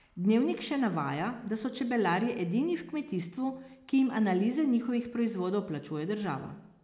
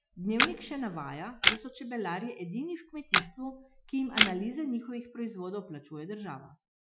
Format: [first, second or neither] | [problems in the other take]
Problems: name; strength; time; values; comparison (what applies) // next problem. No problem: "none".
first | noise reduction (classical method Wiener filter)